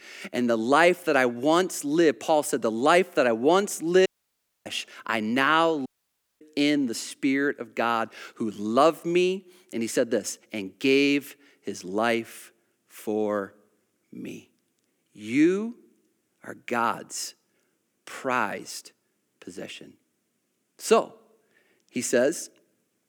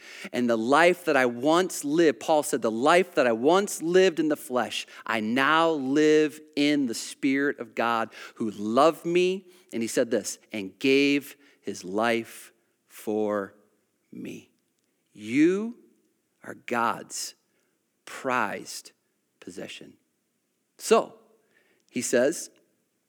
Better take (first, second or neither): second